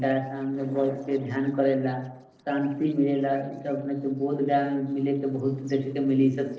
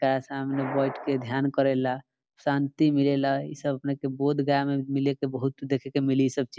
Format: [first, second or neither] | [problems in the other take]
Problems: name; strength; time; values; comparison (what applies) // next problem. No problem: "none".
second | noise reduction (neural separator model SepFormer DNS4)